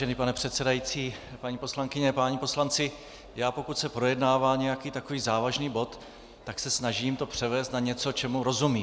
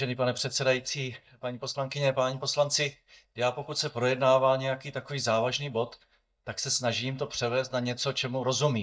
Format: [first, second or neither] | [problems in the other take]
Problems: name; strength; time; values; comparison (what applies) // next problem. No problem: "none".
first | noise reduction (neural mask model DeepFilterNet 3)